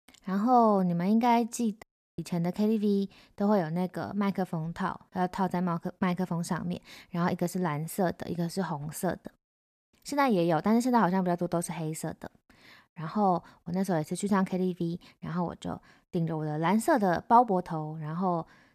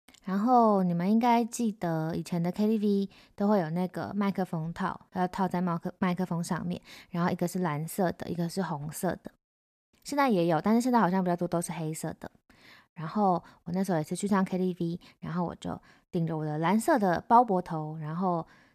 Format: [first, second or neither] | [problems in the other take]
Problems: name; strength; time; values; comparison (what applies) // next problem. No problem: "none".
second | audio cutting out; at 2 s